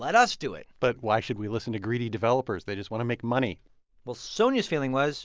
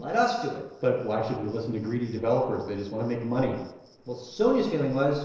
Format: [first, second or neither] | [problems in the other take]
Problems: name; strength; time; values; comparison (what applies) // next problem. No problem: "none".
first | noise reduction (neural separator model SepFormer DNS4)